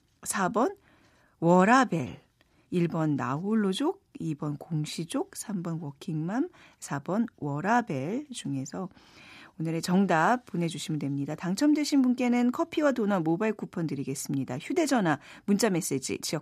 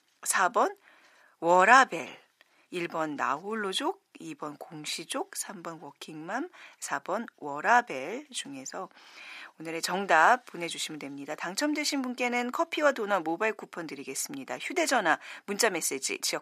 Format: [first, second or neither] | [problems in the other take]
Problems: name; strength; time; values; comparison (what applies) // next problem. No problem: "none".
first | thin; somewhat; fading below 550 Hz